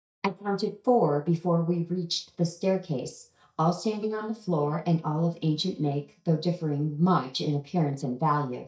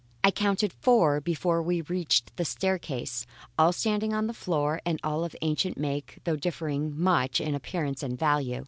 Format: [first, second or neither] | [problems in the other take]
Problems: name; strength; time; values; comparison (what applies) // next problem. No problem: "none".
second | noise reduction (neural mask model DeepFilterNet 3)